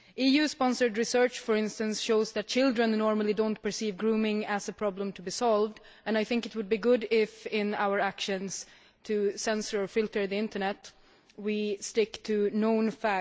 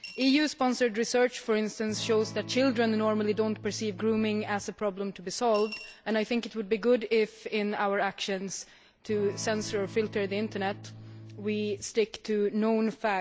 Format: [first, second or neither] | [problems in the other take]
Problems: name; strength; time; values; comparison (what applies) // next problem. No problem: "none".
first | background sound (Electric guitar / Strum + Coin (dropping) / Glass); 16 dB below the speech